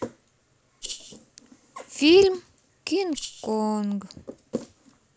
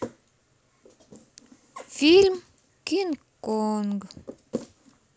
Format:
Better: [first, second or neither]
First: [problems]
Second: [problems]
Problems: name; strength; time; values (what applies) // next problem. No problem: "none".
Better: second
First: background sound (Rattle (instrument)); 12 dB below the speech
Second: none